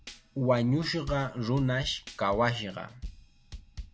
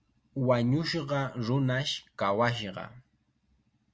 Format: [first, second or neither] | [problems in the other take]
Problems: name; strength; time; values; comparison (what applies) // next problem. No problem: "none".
second | background sound (Drum / Drum kit); 15 dB below the speech